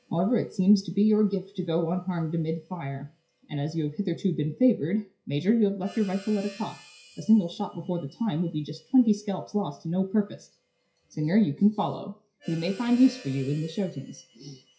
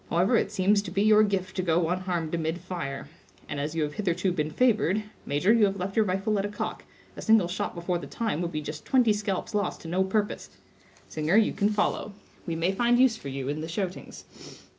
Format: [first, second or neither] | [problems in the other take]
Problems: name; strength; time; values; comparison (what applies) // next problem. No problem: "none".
second | noise reduction (classical method WPE with log-MMSE)